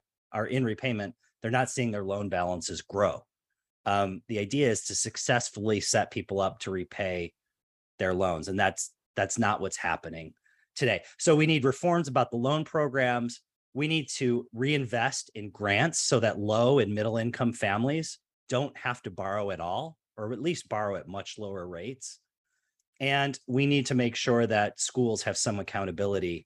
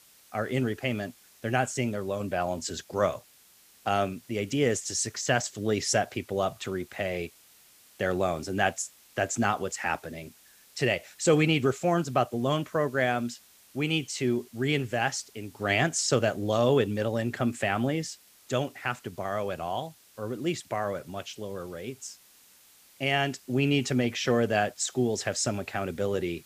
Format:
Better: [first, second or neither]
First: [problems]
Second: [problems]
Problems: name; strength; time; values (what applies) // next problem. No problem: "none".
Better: first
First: none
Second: hiss; faint; throughout; 25 dB below the speech